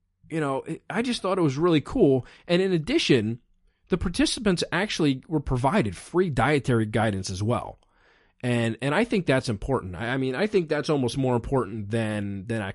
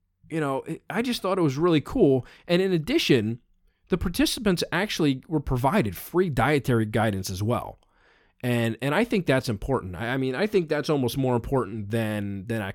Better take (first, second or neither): second